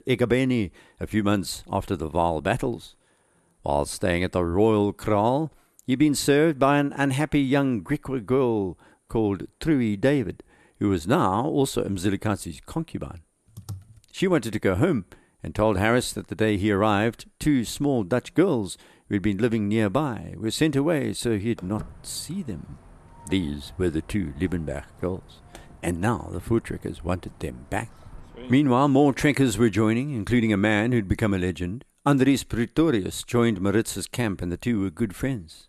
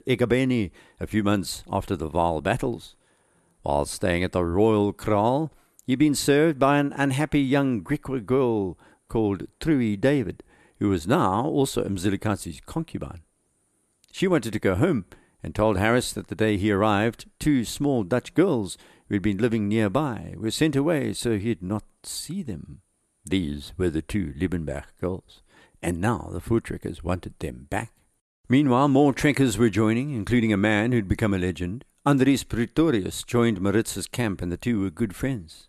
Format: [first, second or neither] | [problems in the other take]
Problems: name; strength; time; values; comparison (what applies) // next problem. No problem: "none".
second | keyboard typing; faint; at 14 s; peak 15 dB below the speech // footsteps; faint; from 22 to 29 s; peak 15 dB below the speech